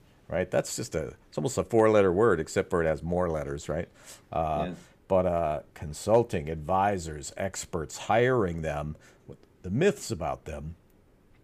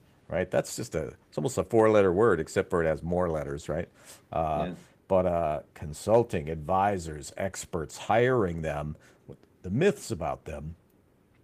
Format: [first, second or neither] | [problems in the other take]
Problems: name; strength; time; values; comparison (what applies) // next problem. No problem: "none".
first | garbled, watery; slightly; nothing above 15 kHz